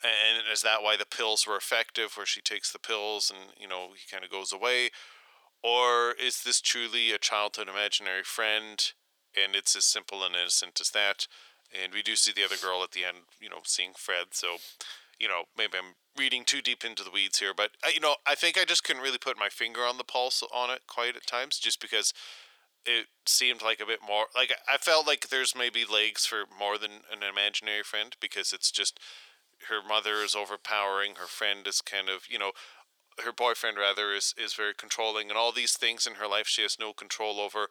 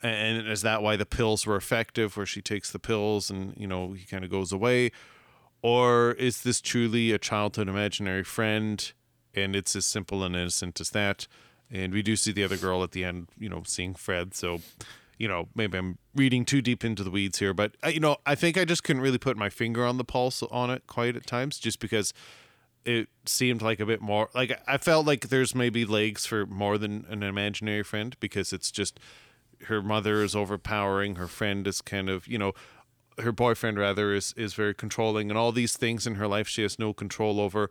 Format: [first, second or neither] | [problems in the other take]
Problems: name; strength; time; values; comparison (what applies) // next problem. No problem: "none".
second | thin; very; fading below 550 Hz